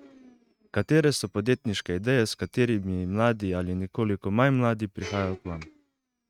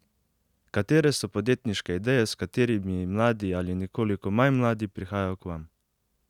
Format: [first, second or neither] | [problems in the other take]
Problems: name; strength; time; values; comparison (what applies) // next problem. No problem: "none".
second | noise reduction (neural mask model RNNoise)